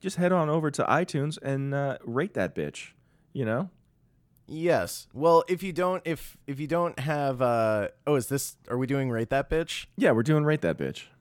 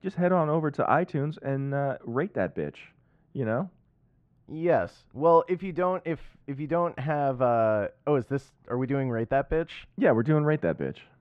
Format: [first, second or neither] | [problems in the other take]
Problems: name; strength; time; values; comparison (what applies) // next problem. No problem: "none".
first | muffled; very; fading above 2 kHz